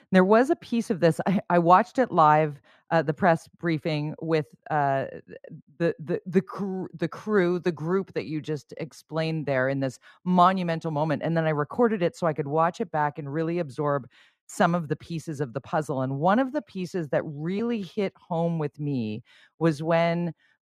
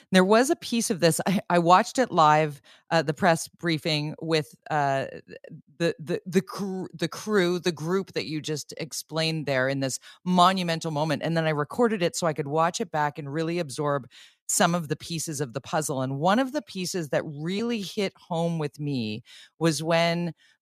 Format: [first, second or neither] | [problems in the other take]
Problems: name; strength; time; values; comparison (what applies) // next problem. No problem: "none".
second | muffled; slightly; fading above 3 kHz